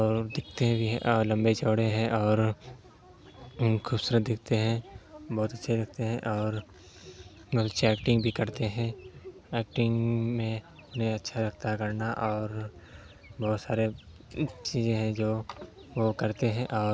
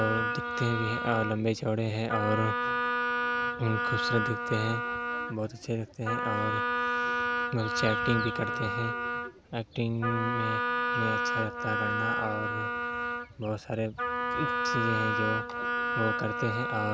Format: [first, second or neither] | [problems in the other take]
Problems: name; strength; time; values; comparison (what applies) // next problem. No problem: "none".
first | background sound (Wind instrument, woodwind instrument); 1 dB above the speech